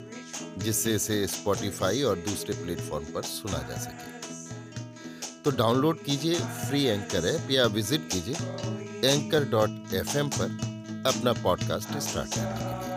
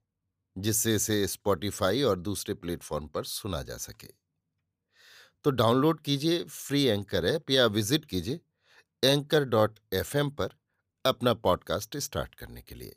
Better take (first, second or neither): second